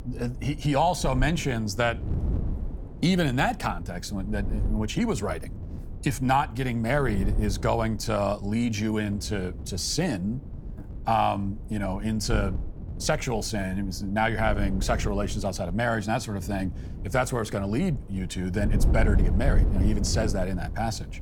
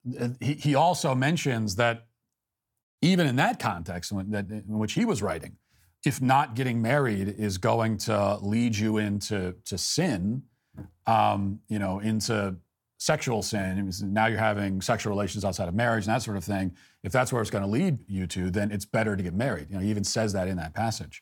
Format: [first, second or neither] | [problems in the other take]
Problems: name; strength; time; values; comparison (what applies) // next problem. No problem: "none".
second | wind noise on the microphone; occasional gusts; 15 dB below the speech